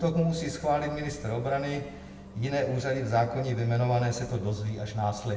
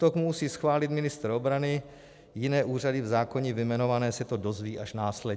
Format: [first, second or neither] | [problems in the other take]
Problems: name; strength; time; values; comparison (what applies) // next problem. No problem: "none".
second | background sound (Bus); 17 dB below the speech // room echo; dies away in 1 s